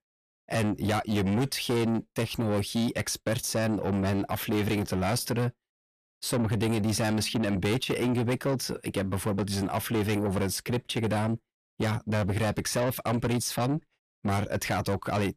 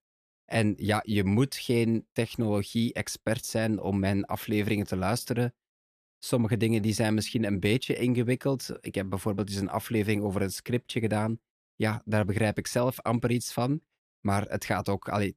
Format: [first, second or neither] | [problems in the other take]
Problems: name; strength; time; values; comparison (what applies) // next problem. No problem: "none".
second | distortion; heavy; 8 dB below the speech